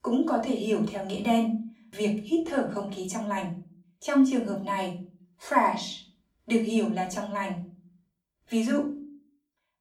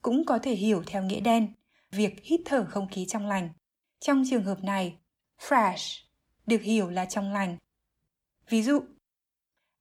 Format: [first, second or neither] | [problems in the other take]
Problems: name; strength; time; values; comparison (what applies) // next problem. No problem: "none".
second | room echo; slight; dies away in 0.3 s // off-mic speech; far